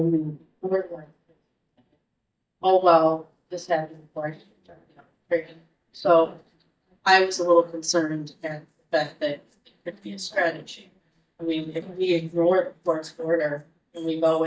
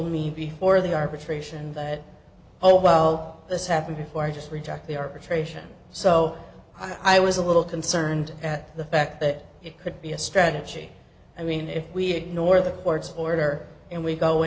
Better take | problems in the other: second | noise reduction (neural mask model DeepFilterNet 3)

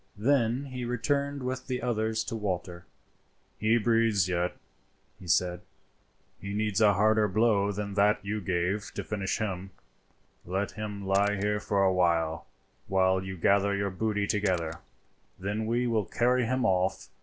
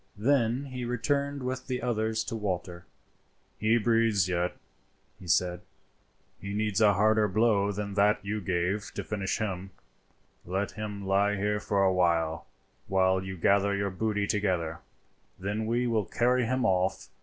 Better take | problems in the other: second | background sound (Splash, splatter); 20 dB below the speech

